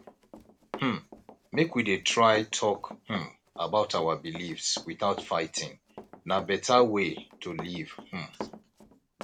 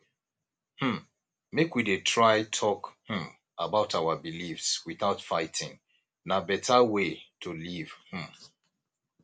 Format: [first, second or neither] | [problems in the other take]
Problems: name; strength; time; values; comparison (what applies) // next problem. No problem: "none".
second | background sound (Run); 16 dB below the speech